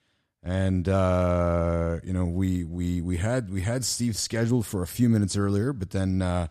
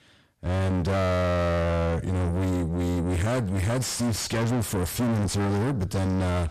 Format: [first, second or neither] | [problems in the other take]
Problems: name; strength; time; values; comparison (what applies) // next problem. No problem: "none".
first | distortion; heavy; 5 dB below the speech